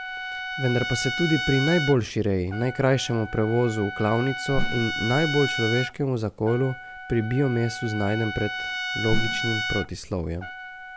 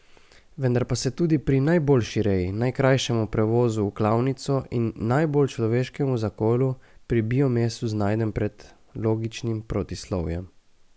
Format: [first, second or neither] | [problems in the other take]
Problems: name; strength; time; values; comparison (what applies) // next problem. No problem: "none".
second | background sound (Whoosh, swoosh, swish + Trumpet); 5 dB below the speech